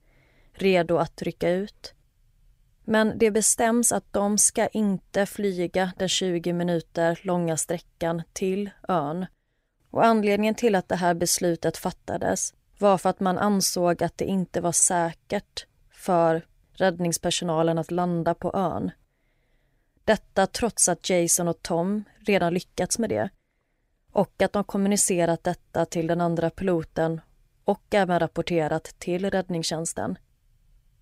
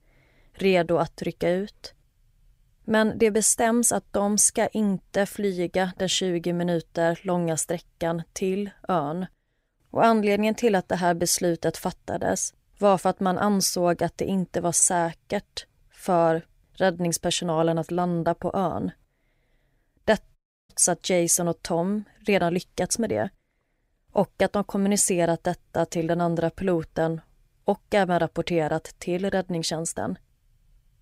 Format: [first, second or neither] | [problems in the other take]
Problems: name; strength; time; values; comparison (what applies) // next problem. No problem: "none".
first | audio cutting out; at 20 s